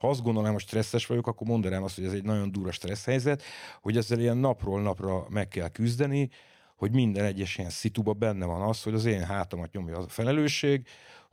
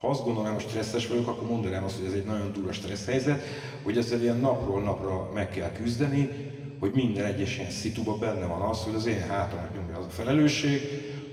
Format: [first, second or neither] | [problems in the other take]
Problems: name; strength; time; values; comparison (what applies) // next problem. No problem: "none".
first | room echo; slight; dies away in 2.1 s // off-mic speech; somewhat distant